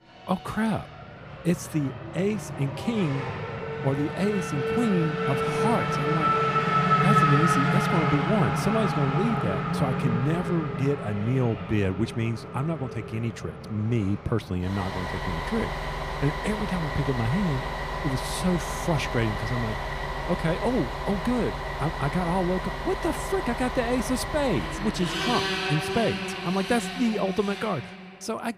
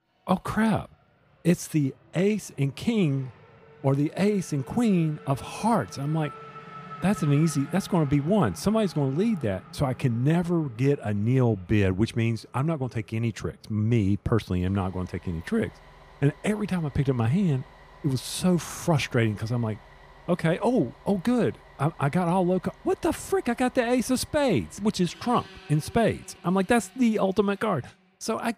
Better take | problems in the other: second | traffic noise; loud; throughout; as loud as the speech; faint in the second

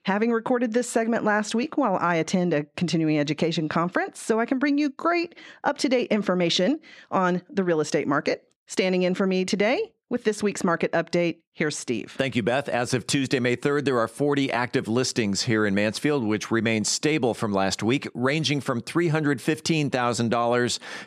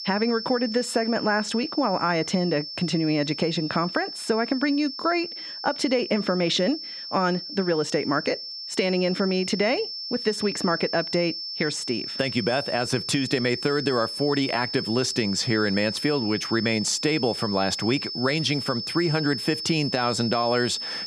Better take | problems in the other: first | high-pitched whine; loud; throughout; 5.5 kHz, 6 dB below the speech

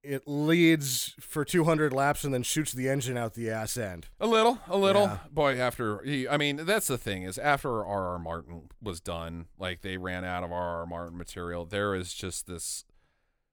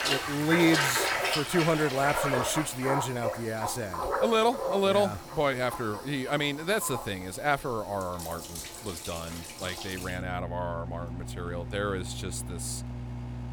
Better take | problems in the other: first | household noises; loud; throughout; 3 dB below the speech

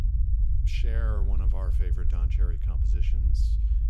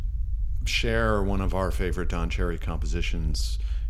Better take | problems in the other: second | low rumble; loud; throughout; 2 dB below the speech; faint in the second

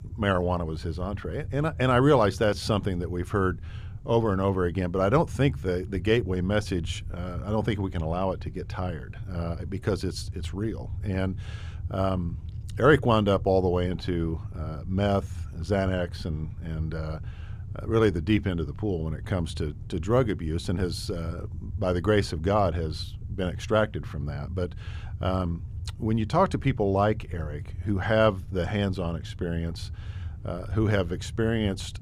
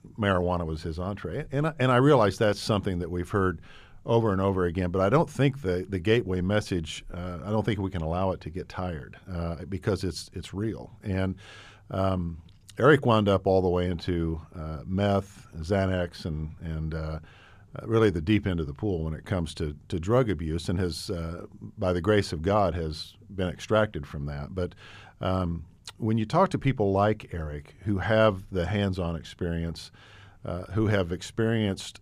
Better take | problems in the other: second | low rumble; faint; throughout; 25 dB below the speech

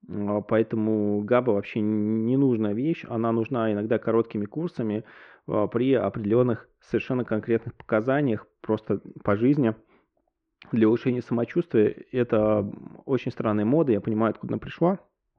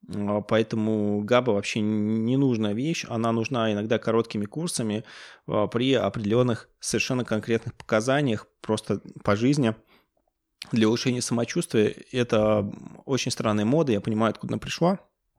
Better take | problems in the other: second | muffled; very; fading above 2 kHz

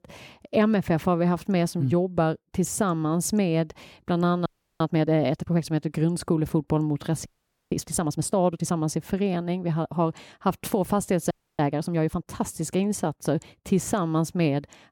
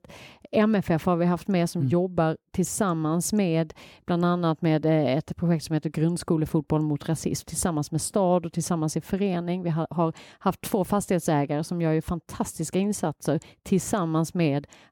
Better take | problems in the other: second | audio freezing; at 4.5 s, at 7.5 s and at 11 s

